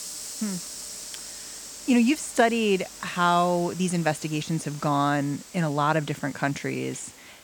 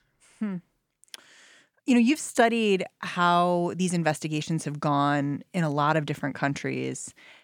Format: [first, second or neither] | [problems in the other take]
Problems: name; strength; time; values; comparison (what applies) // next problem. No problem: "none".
second | hiss; noticeable; throughout; 15 dB below the speech